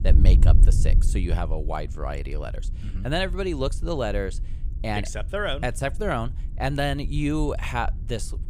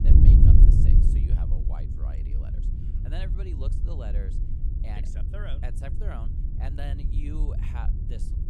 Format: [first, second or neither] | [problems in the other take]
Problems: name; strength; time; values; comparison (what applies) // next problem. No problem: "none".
first | wind noise on the microphone; heavy; 3 dB above the speech; occasional gusts in the first